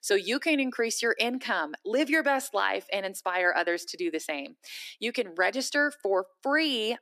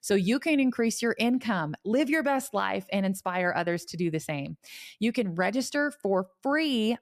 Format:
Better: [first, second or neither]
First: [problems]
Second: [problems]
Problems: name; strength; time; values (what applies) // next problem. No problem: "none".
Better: second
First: thin; somewhat; fading below 300 Hz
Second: none